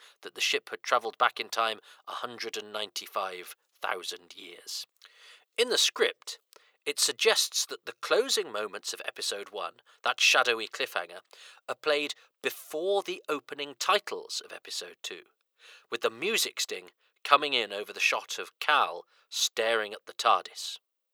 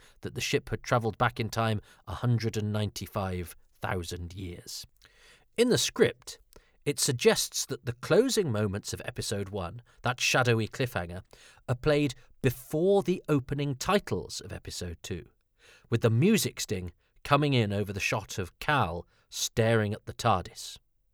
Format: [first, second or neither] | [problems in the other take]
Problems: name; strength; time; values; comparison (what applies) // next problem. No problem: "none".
second | thin; very; fading below 450 Hz